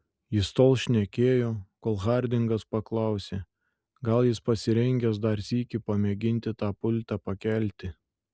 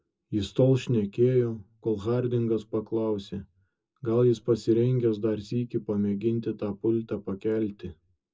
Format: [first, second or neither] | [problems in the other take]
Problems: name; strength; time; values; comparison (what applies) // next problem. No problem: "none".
first | room echo; dies away in 0.2 s